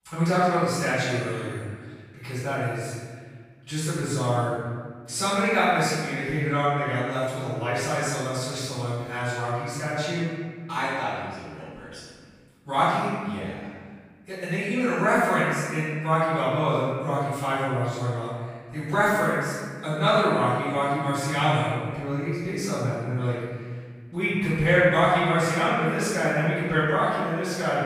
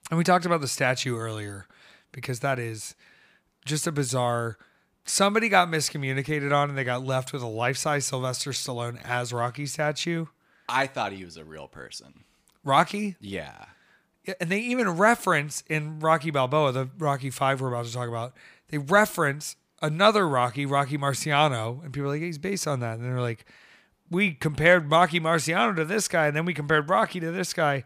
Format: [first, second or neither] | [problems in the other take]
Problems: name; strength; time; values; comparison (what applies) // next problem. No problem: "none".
second | off-mic speech; far // room echo; strong; dies away in 1.6 s